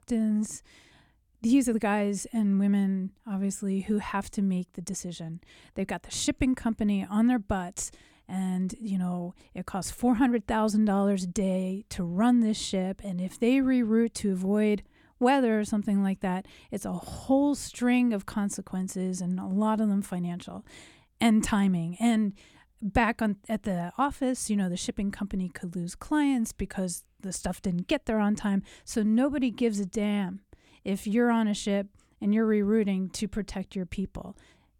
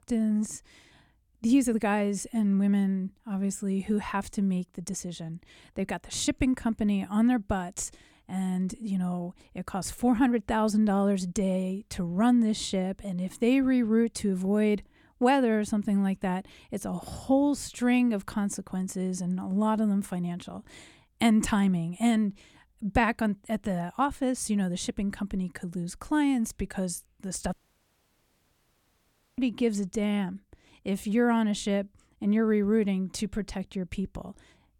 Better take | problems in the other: first | audio cutting out; at 28 s for 2 s

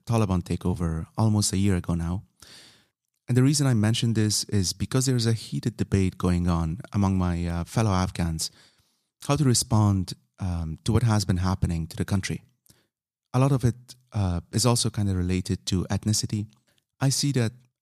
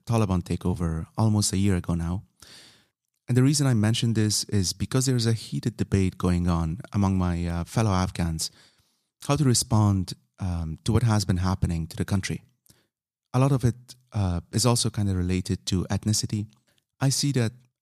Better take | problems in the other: neither | none

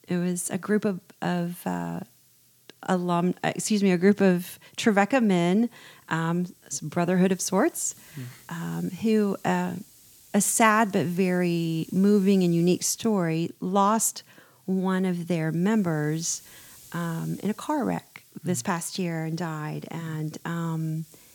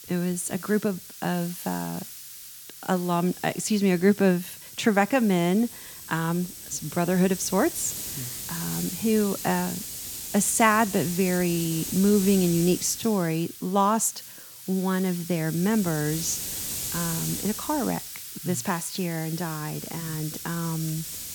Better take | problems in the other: first | hiss; loud; throughout; 8 dB below the speech; faint in the first

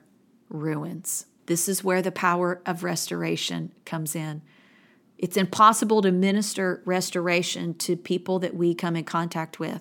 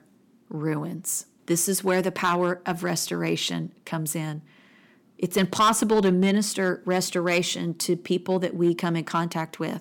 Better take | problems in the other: first | distortion; slight; 1.6% of the sound clipped

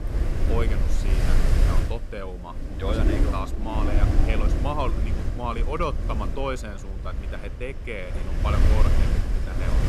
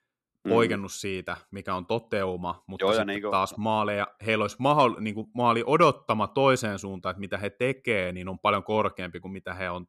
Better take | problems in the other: second | wind noise on the microphone; heavy; 3 dB below the speech

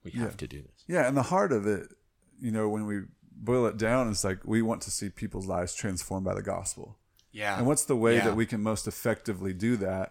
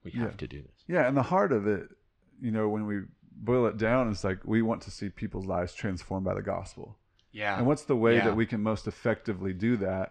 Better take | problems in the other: first | muffled; slightly; fading above 4 kHz

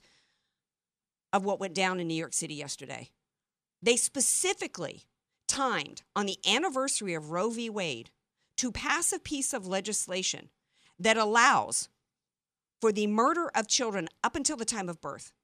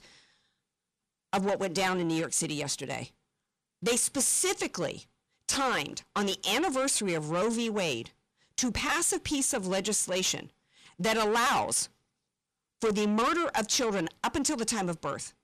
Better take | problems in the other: first | distortion; heavy; 6 dB below the speech

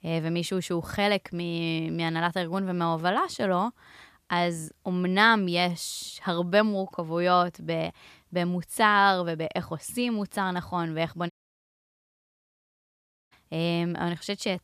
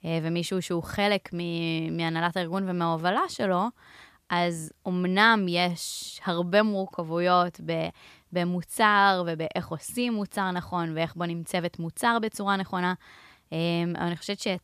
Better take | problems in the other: second | audio cutting out; at 11 s for 2 s

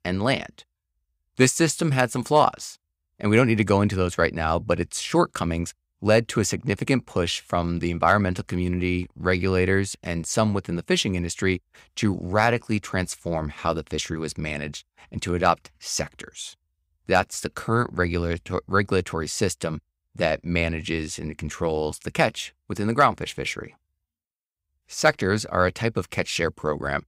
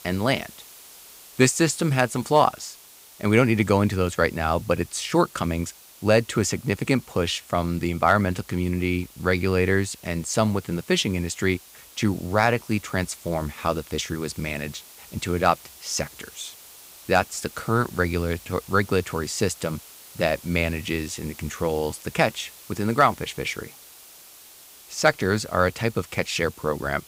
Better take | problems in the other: first | hiss; faint; throughout; 20 dB below the speech

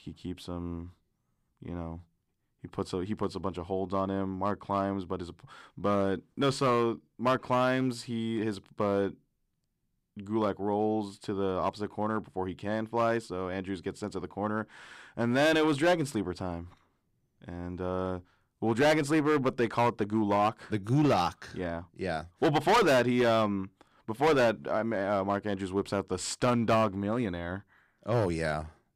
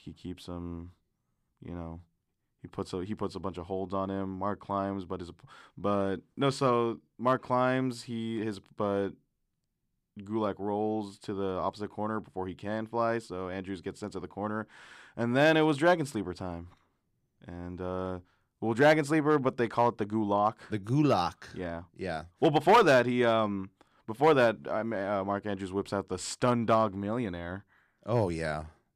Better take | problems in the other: second | distortion; slight; 4% of the sound clipped

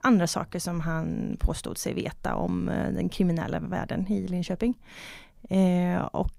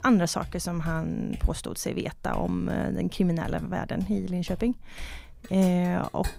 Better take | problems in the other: first | household noises; noticeable; throughout; 20 dB below the speech

